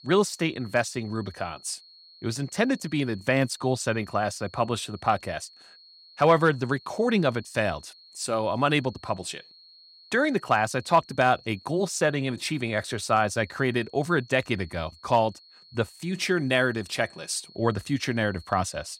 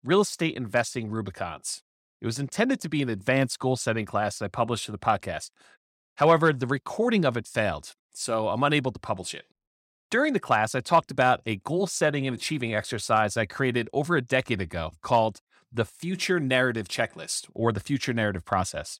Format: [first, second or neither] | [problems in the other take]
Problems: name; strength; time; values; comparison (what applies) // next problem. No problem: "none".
second | high-pitched whine; faint; throughout; 4.5 kHz, 25 dB below the speech